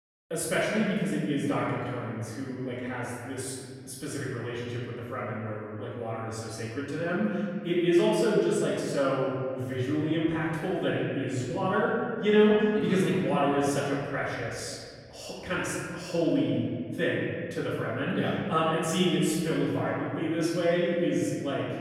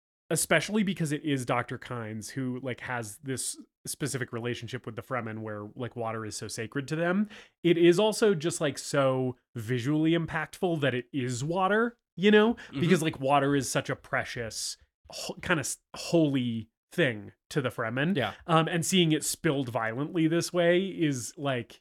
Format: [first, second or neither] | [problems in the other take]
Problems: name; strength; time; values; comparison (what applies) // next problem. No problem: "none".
second | room echo; strong; dies away in 1.9 s // off-mic speech; far